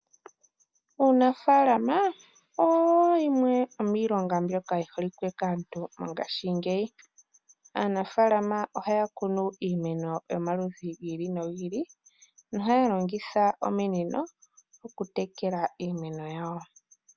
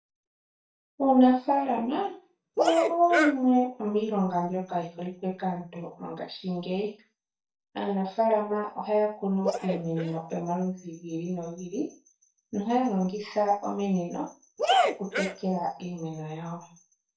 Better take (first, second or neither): first